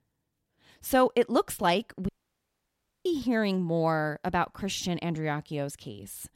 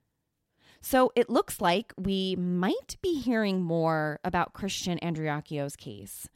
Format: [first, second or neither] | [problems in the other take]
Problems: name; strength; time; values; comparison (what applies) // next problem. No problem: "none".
second | audio cutting out; at 2 s for 1 s